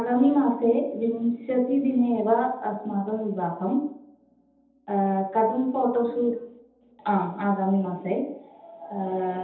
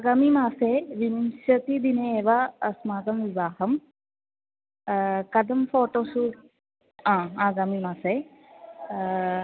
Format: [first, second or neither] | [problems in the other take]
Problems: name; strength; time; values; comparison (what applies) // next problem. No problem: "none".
second | room echo; dies away in 0.8 s